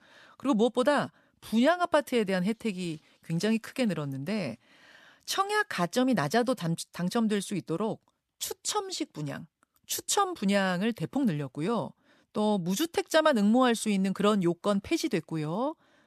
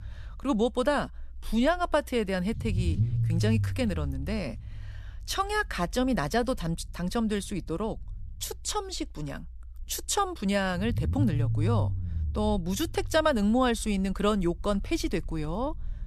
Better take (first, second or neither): first